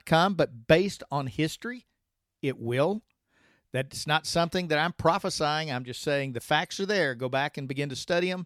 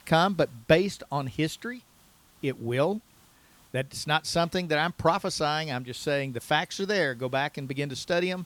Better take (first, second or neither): first